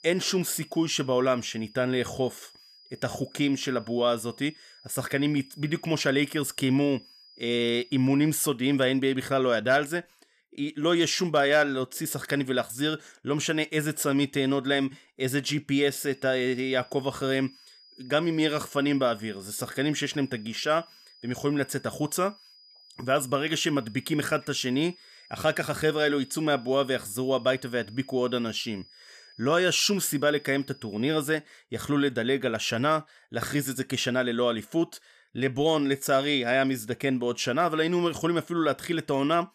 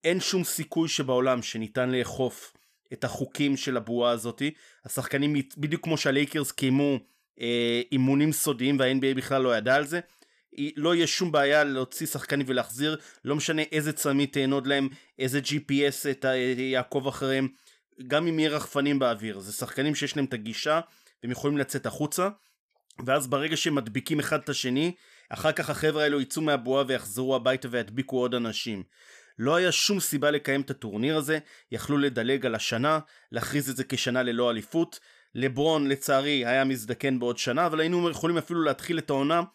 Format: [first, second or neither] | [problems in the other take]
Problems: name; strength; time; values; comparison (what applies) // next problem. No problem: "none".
second | high-pitched whine; faint; until 8.5 s and from 16 to 31 s; 5 kHz, 25 dB below the speech